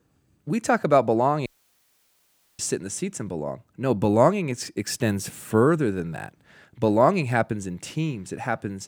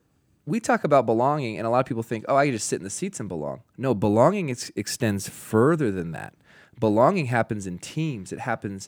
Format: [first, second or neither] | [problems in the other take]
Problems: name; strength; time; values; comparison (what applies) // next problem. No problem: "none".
second | audio cutting out; at 1.5 s for 1 s